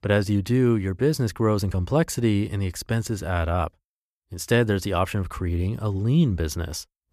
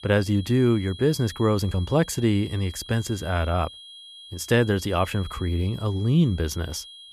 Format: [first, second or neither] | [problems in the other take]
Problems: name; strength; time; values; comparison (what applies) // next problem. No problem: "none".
first | high-pitched whine; noticeable; throughout; 3.5 kHz, 15 dB below the speech